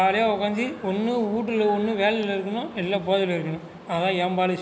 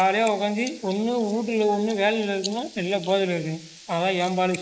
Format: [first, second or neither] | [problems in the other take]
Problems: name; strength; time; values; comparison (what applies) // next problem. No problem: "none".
first | noise reduction (neural mask model Resemble Enhance denoiser)